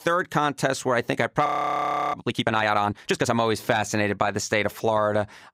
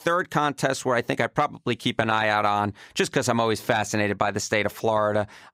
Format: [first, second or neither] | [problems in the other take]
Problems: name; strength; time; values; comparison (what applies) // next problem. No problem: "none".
second | audio freezing; at 1.5 s for 0.5 s